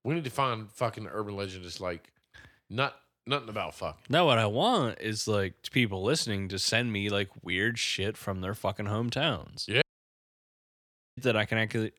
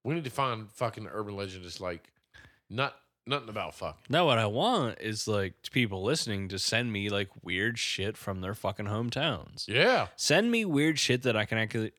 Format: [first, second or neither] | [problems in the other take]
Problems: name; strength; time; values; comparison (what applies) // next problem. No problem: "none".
second | audio cutting out; at 10 s for 1.5 s